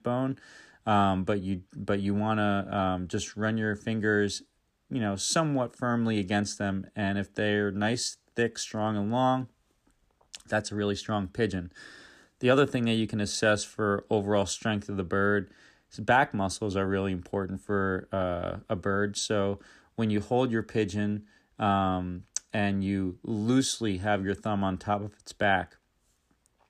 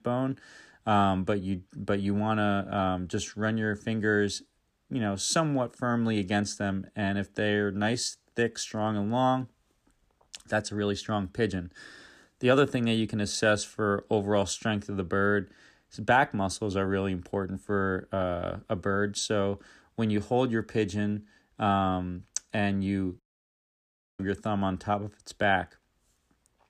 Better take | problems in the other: first | audio cutting out; at 23 s for 1 s

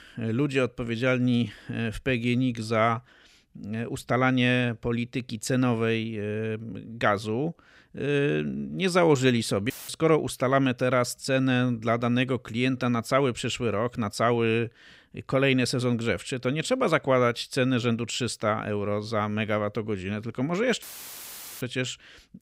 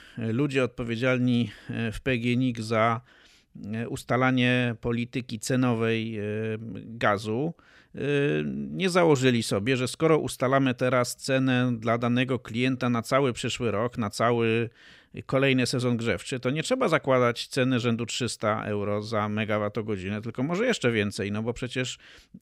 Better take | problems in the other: second | audio cutting out; filled with static; at 9.5 s and at 21 s for 1 s

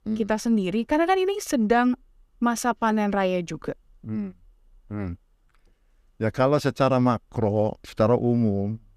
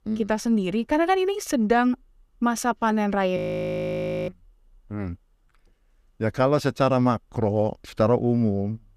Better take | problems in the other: first | audio freezing; at 3.5 s for 1 s

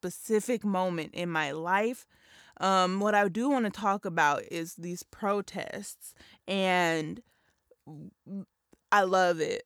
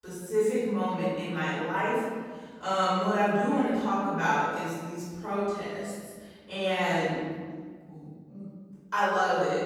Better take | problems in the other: first | off-mic speech; far // room echo; strong; dies away in 1.7 s

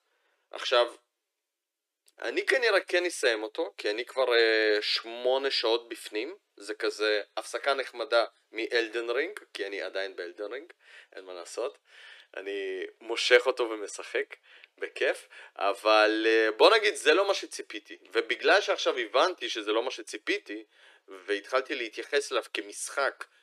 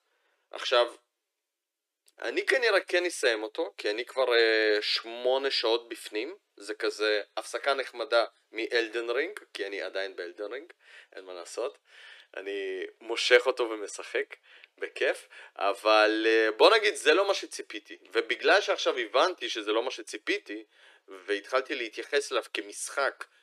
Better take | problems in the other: neither | thin; very; fading below 300 Hz; the same in both

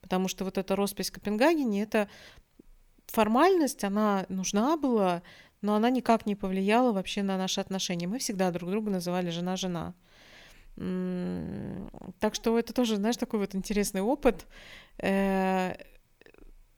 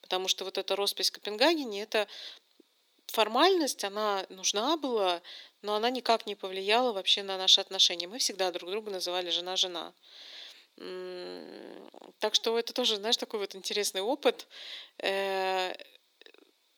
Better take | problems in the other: first | thin; somewhat; fading below 300 Hz

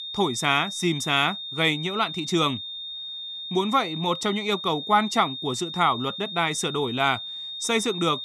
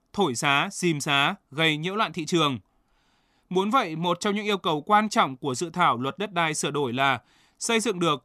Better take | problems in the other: second | high-pitched whine; loud; throughout; 3.5 kHz, 8 dB below the speech

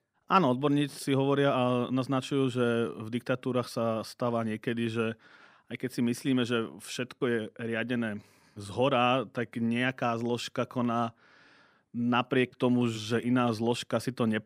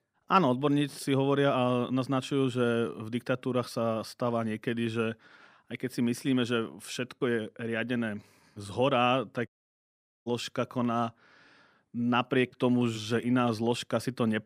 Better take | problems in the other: first | audio cutting out; at 9.5 s for 1 s

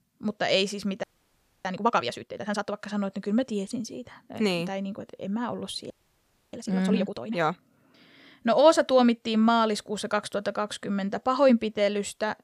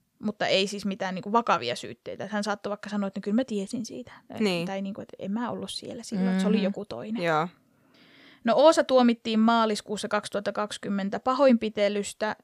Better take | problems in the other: second | audio freezing; at 1 s for 0.5 s and at 6 s for 0.5 s

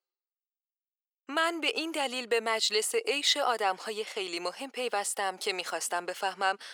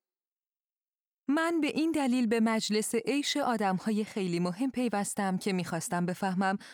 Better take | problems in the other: second | thin; very; fading below 450 Hz

